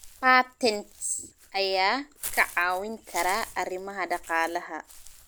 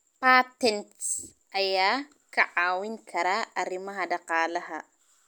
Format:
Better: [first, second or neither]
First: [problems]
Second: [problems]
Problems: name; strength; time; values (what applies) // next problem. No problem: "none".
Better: second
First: background sound (Walk, footsteps / Bird); 16 dB below the speech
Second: none